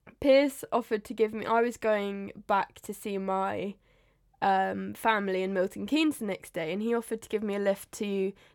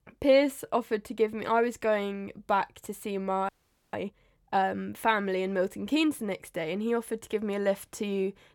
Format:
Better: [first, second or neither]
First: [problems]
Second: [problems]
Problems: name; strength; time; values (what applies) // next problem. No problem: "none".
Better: first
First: none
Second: audio freezing; at 3.5 s